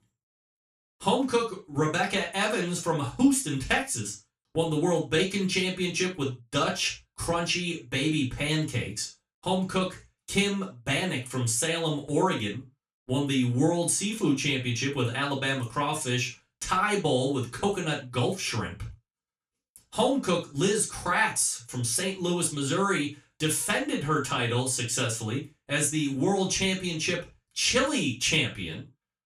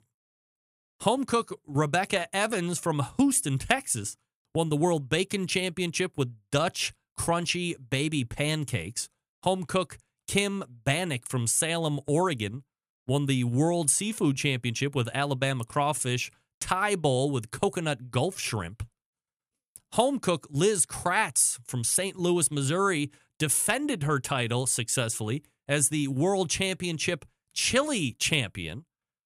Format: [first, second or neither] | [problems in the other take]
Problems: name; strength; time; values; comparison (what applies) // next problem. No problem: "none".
second | room echo; noticeable; dies away in 0.2 s // off-mic speech; far